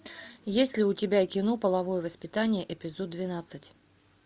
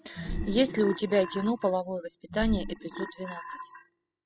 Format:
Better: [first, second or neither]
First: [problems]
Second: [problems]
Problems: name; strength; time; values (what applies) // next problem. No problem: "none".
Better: first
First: none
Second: noise reduction (classical method spectral subtraction)